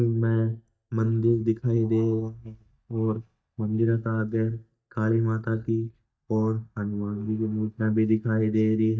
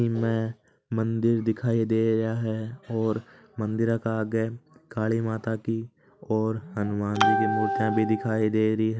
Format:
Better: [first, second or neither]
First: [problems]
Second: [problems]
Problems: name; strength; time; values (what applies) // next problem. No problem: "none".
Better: second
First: noise reduction (neural mask model DeepFilterNet 3)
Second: none